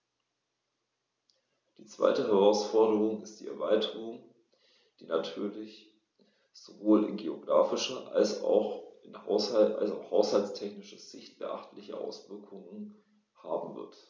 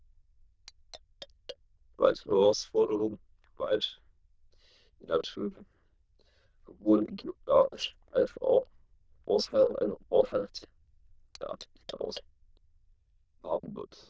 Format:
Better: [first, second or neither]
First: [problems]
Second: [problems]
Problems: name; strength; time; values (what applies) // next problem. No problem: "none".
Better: first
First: none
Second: noise reduction (neural diffusion model UNIVERSE++)